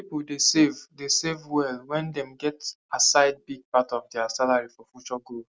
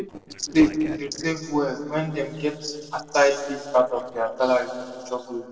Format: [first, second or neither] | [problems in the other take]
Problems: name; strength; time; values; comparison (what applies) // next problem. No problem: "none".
first | noise reduction (neural separator model SepFormer DNS4)